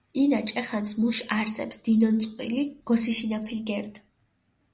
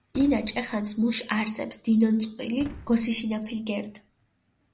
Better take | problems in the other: first | background sound (Boom); 19 dB below the speech

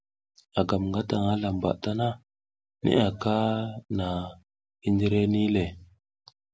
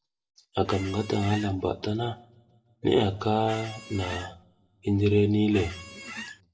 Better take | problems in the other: first | background sound (Squeak); 14 dB below the speech // room echo; dies away in 0.6 s

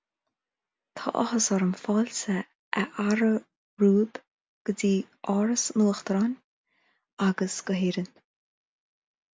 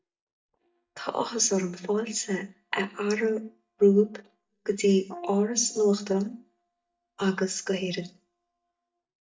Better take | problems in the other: first | noise reduction (neural mask model DeepFilterNet 3)

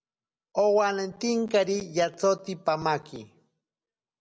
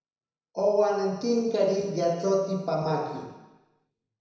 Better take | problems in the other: first | room echo; dies away in 1 s

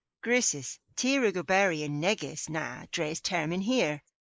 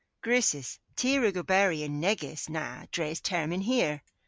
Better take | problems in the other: second | noise reduction (neural mask model Resemble Enhance denoiser)

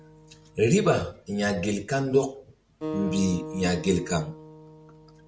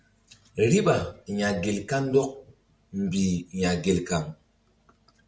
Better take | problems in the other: second | background sound (Acoustic guitar); 13 dB below the speech

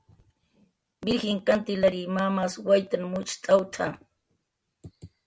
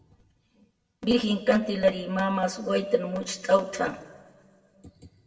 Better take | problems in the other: first | room echo; dies away in 1.2 s

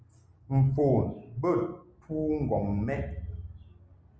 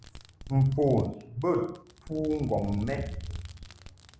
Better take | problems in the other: first | background sound (Fireworks); 19 dB below the speech

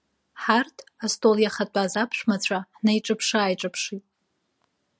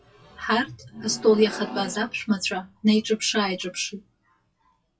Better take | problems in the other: first | noise reduction (classical method WPE with log-MMSE)

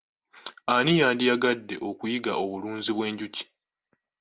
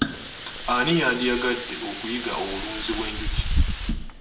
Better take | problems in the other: first | background sound (Hiss); 1 dB below the speech // room echo; dies away in 0.5 s

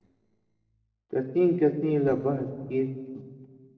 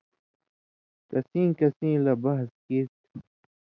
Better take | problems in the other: second | noise reduction (neural separator model SepFormer DNS4)

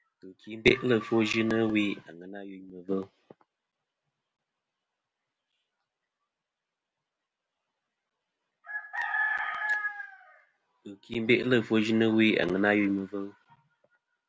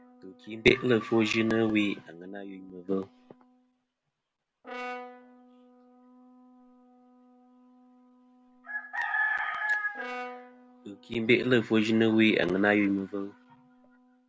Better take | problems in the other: first | background sound (Brass instrument); 19 dB below the speech

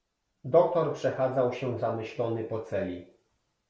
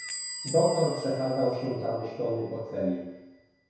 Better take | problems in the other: first | background sound (Squeak / Bell); 12 dB below the speech // room echo; dies away in 1 s

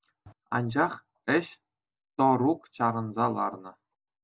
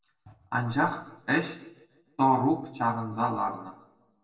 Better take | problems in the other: first | room echo; dies away in 0.6 s

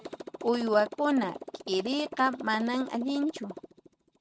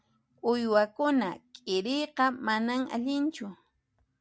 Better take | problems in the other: second | noise reduction (neural mask model RNNoise)

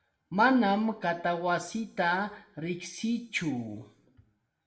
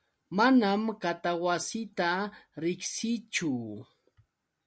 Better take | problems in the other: second | room echo; dies away in 0.5 s

